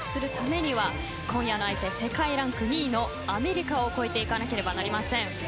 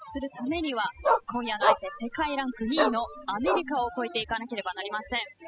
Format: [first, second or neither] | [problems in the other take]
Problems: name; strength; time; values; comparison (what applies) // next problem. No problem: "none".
first | noise reduction (classical method spectral subtraction)